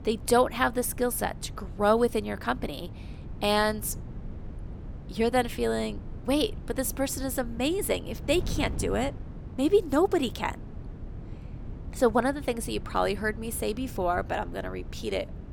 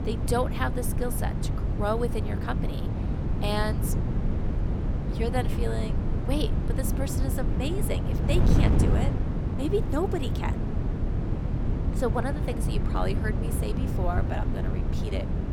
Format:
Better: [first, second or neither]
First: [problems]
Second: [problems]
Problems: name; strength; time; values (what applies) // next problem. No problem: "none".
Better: first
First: wind noise on the microphone; occasional gusts; 20 dB below the speech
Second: wind noise on the microphone; heavy; 4 dB below the speech